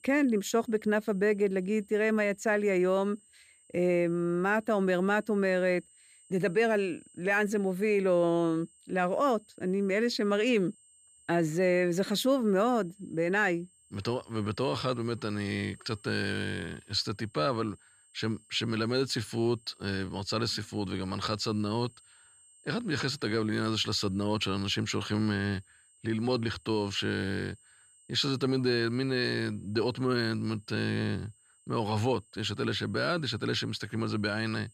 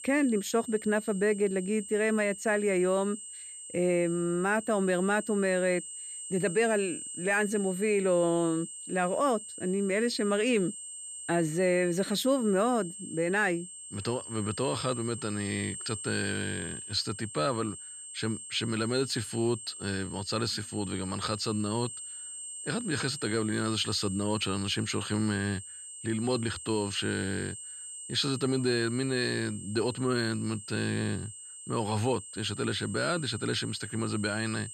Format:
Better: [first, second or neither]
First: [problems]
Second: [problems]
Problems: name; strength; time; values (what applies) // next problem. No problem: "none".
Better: first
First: high-pitched whine; faint; throughout; 8.5 kHz, 30 dB below the speech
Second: high-pitched whine; loud; throughout; 8.5 kHz, 10 dB below the speech